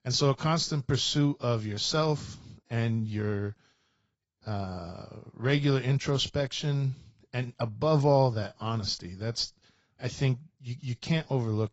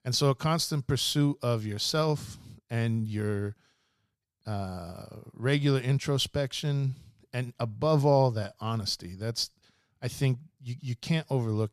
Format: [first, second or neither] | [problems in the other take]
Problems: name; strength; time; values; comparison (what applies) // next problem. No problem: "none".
second | garbled, watery; badly; nothing above 7.5 kHz